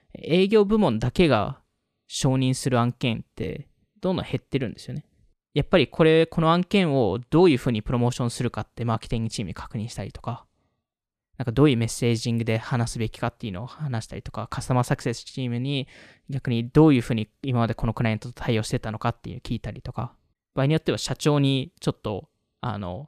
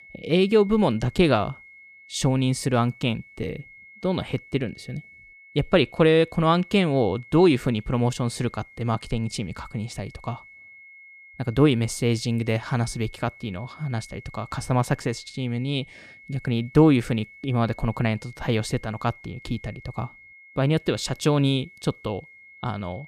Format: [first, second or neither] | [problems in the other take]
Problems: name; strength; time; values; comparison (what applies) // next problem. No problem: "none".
first | high-pitched whine; faint; throughout; 2 kHz, 20 dB below the speech